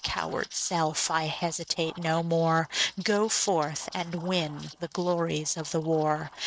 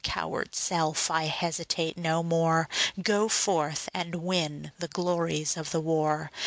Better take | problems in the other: second | noise reduction (neural mask model RNNoise)

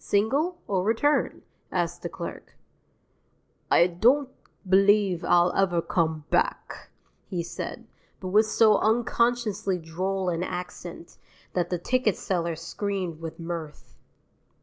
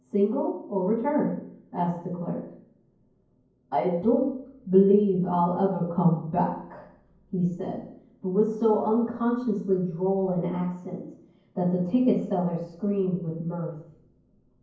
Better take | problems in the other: first | room echo; dies away in 0.9 s

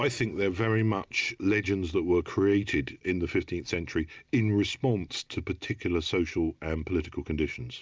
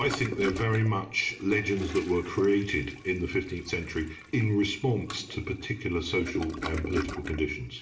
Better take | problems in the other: first | background sound (Toilet flush); 12 dB below the speech // room echo; dies away in 1.3 s

